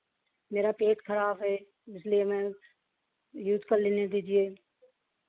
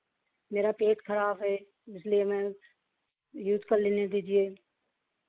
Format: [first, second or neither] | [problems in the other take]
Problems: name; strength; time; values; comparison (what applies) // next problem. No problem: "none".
first | noise reduction (neural mask model Resemble Enhance denoiser)